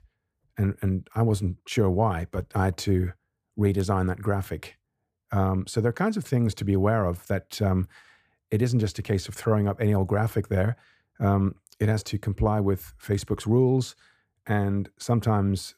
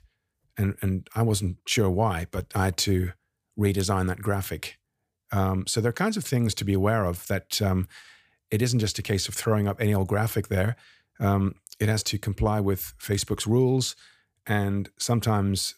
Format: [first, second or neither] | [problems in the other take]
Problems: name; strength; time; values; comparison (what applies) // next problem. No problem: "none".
second | muffled; slightly; fading above 2 kHz